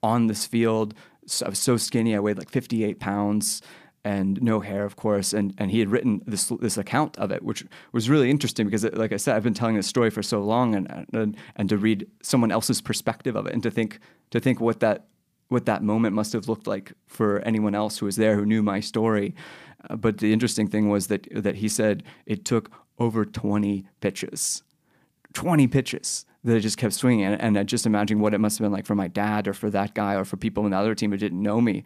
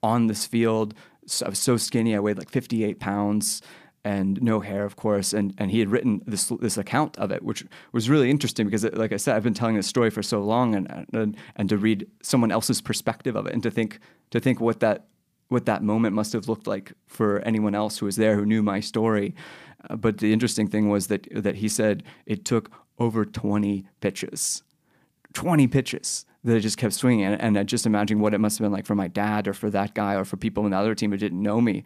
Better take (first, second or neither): neither